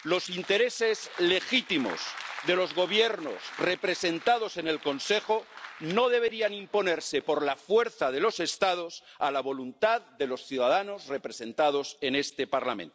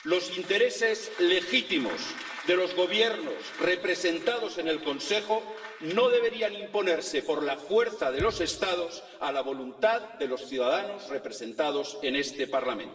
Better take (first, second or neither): first